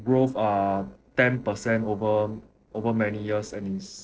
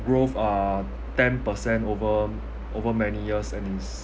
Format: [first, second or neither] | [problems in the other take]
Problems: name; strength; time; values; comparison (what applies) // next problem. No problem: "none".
second | noise reduction (neural separator model SepFormer DNS4)